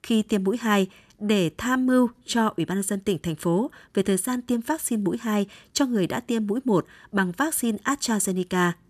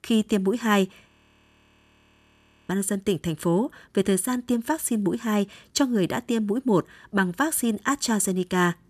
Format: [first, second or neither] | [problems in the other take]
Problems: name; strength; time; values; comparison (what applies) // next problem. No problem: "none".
first | audio freezing; at 1 s for 1.5 s